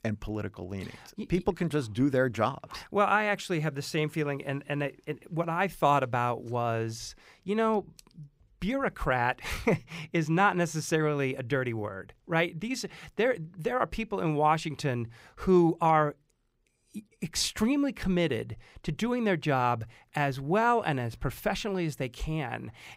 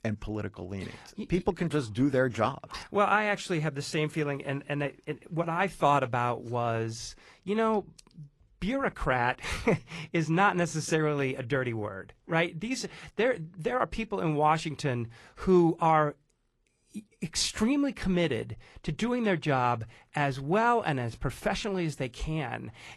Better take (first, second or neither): first